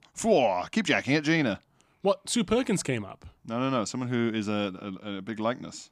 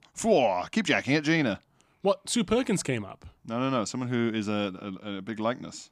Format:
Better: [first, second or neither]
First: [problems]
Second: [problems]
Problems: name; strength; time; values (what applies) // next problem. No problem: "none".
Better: neither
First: none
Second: none